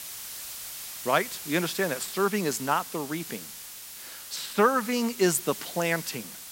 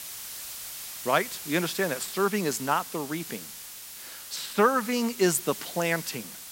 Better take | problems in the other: neither | hiss; loud; throughout; 10 dB below the speech; the same in both

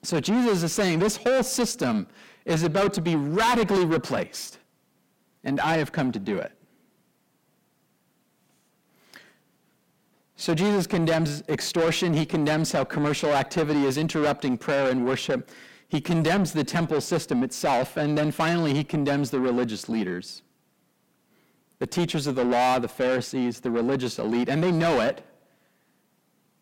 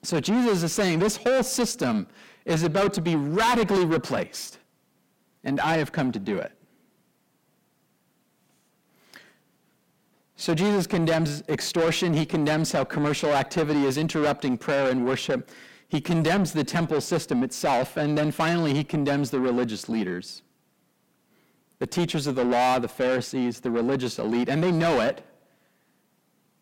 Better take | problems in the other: neither | distortion; heavy; 6 dB below the speech; the same in both

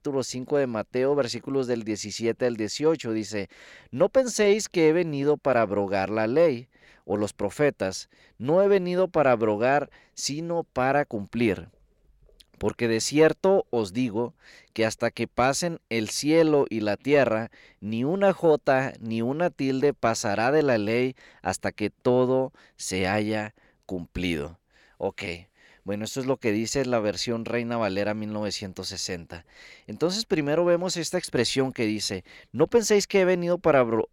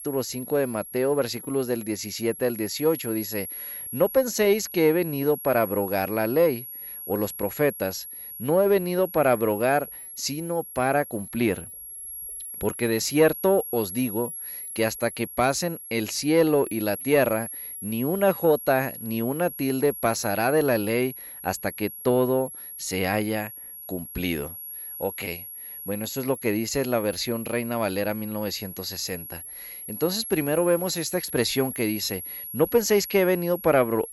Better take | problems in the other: first | high-pitched whine; loud; throughout; 11.5 kHz, 10 dB below the speech

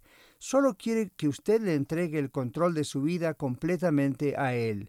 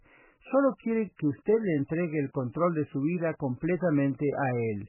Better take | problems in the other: first | garbled, watery; badly; nothing above 2.5 kHz

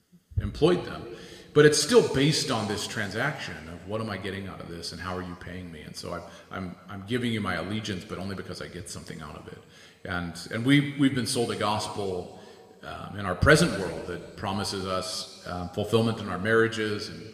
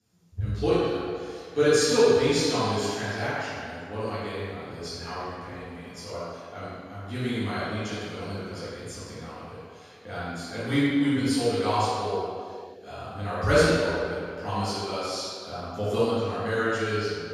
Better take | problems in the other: first | room echo; strong; dies away in 1.8 s; slight in the first // off-mic speech; far

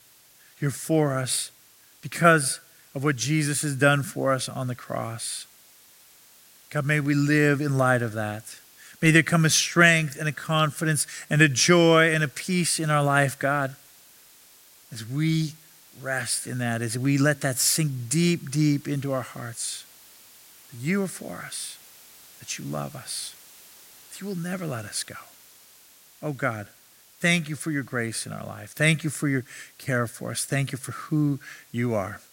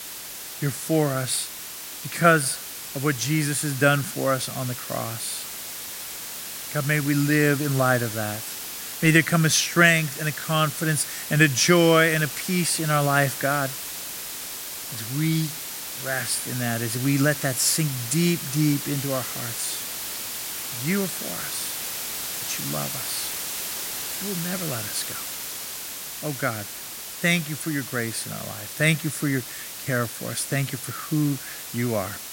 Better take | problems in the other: first | hiss; loud; throughout; 7 dB below the speech; faint in the first

